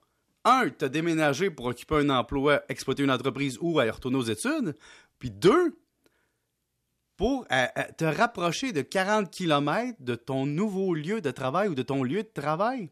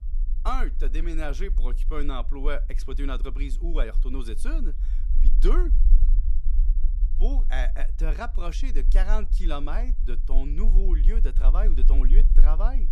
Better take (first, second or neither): first